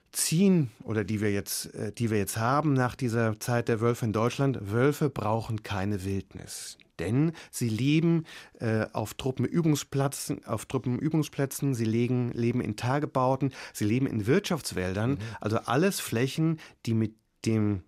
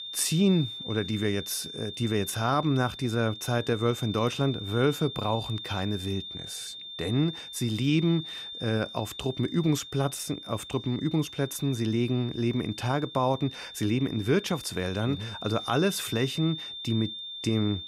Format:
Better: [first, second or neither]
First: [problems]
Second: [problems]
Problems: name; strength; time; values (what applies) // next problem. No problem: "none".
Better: first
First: none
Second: high-pitched whine; loud; throughout; 3.5 kHz, 9 dB below the speech